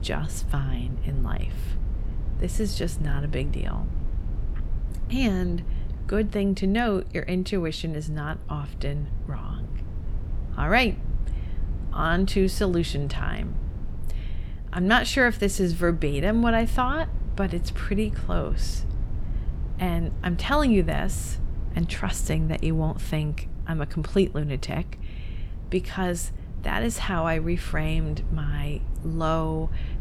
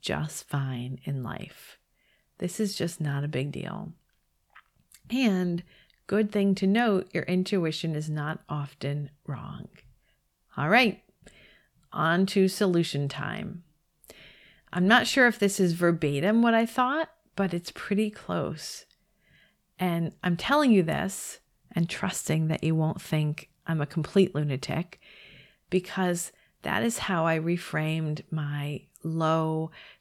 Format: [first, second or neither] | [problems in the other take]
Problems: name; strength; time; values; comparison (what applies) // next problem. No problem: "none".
second | low rumble; noticeable; throughout; 20 dB below the speech